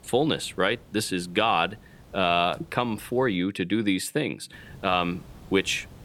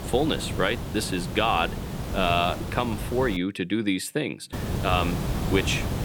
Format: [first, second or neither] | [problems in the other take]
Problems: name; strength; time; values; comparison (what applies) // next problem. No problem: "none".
first | hiss; loud; until 3.5 s and from 4.5 s on; 5 dB below the speech; faint in the first